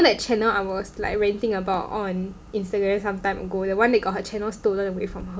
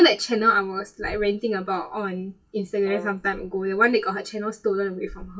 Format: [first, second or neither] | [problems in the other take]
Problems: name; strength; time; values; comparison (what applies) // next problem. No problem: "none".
first | noise reduction (classical method WPE with log-MMSE)